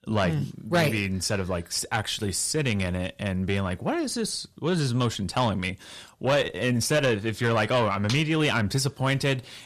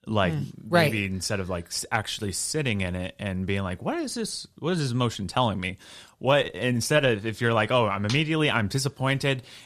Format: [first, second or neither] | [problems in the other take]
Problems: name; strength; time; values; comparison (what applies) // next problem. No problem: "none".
second | distortion; slight; 10 dB below the speech